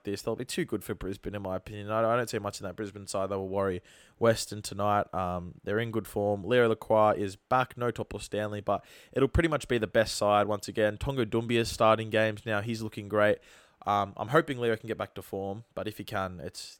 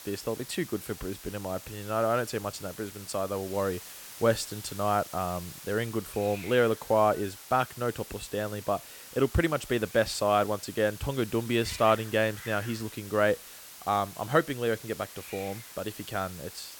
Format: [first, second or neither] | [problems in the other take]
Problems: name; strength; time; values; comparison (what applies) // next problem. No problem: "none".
first | hiss; noticeable; throughout; 15 dB below the speech